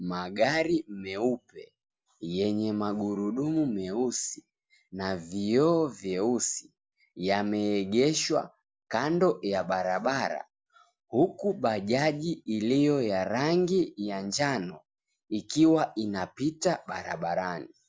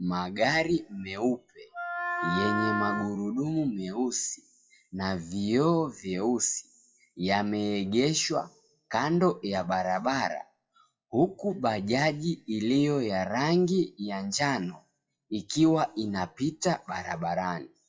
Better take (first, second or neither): first